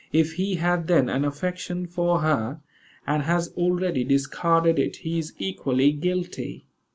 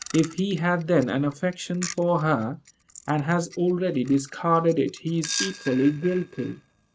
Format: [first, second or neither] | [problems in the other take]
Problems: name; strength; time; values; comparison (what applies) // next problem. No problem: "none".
first | noise reduction (neural mask model RNNoise)